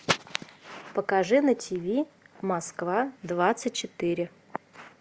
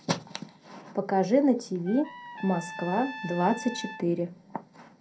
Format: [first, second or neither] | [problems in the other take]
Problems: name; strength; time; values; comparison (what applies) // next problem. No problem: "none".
first | background sound (Trumpet); 14 dB below the speech // room echo; dies away in 0.2 s